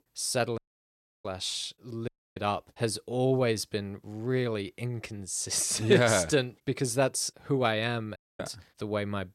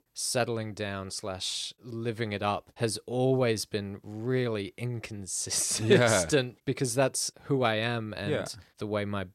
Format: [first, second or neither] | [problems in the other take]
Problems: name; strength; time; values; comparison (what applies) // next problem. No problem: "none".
second | audio cutting out; at 0.5 s for 0.5 s, at 2 s and at 8 s